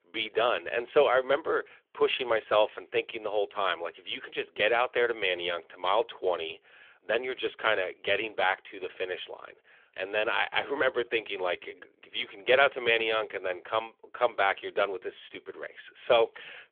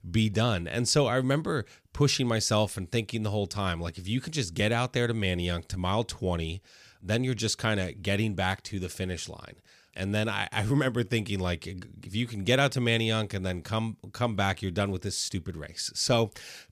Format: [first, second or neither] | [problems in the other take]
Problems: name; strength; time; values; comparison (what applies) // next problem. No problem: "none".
second | phone-call audio; nothing above 3.5 kHz